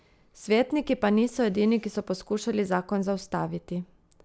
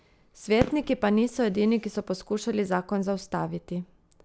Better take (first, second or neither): first